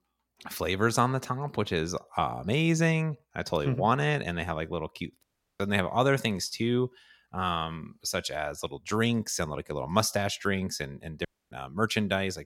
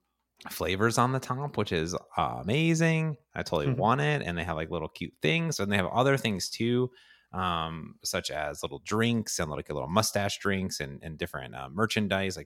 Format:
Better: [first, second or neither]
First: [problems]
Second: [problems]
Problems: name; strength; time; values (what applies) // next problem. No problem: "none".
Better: second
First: audio cutting out; at 5 s and at 11 s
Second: none